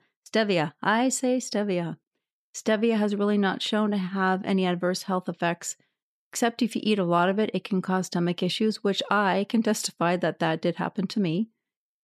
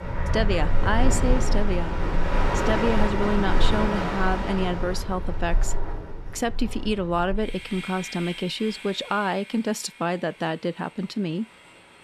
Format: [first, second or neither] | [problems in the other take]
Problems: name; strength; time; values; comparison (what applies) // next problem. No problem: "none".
first | train or aircraft noise; loud; throughout; 1 dB below the speech